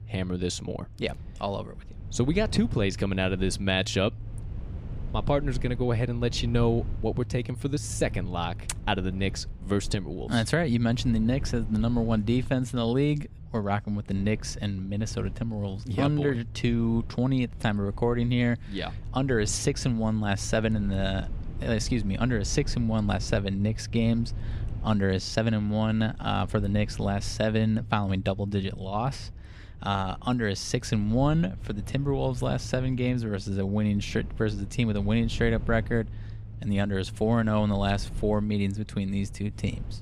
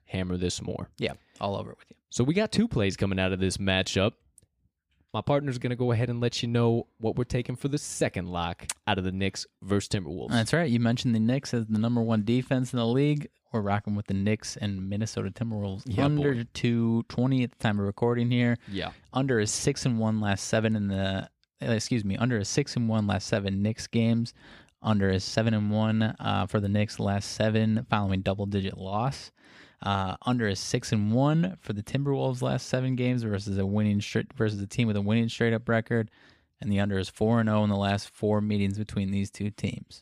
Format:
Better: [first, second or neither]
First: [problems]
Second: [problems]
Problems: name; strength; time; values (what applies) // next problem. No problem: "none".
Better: second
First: low rumble; faint; throughout; 20 dB below the speech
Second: none